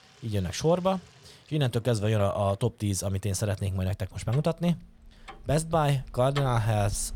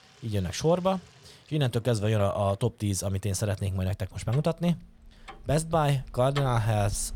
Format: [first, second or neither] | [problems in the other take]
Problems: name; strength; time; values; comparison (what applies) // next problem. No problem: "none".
neither | household noises; noticeable; throughout; 20 dB below the speech; the same in both